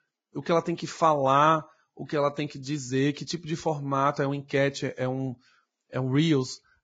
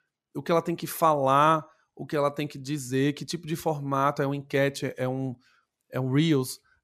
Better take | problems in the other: second | garbled, watery; badly; nothing above 7.5 kHz

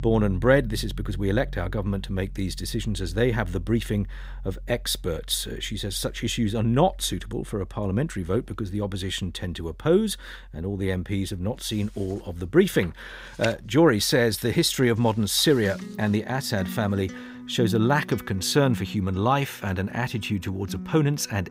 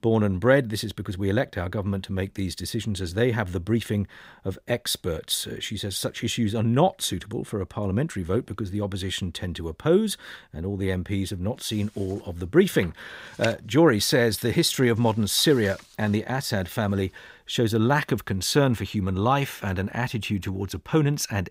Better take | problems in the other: second | background music; noticeable; throughout; 15 dB below the speech

